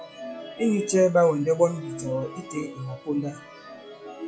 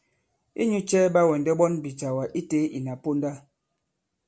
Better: second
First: noise reduction (classical method log-MMSE)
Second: none

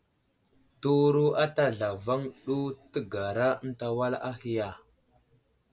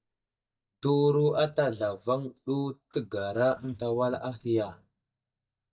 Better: first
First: none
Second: noise reduction (neural mask model DeepFilterNet 3)

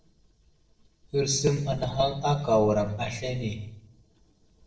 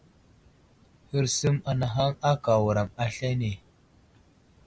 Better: second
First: noise reduction (neural separator model SepFormer DNS4)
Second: none

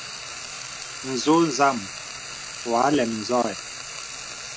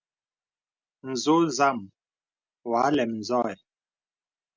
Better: second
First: background sound (Frying (food)); 10 dB below the speech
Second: none

